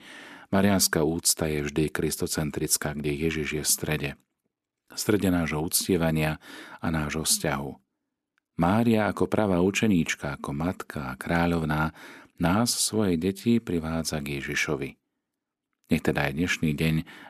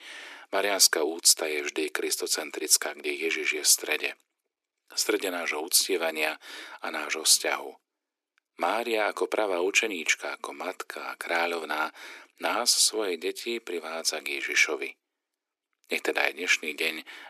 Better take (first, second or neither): first